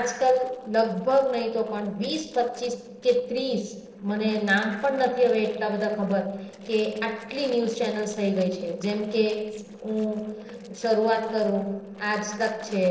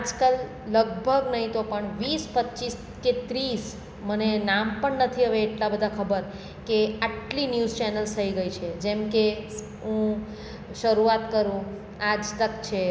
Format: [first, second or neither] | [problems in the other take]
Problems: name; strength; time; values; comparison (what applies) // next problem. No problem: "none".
second | noise reduction (neural separator model SepFormer DNS4)